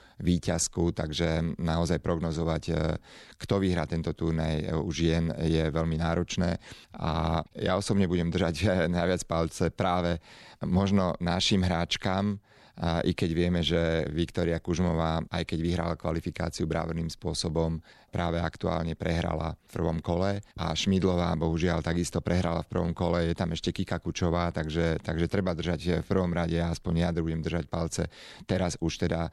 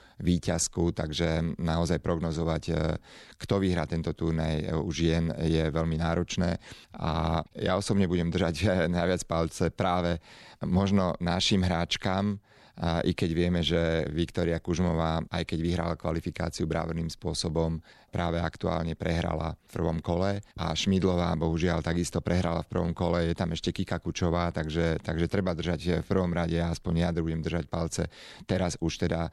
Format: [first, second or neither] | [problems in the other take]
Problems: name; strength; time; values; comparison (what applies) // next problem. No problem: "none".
neither | none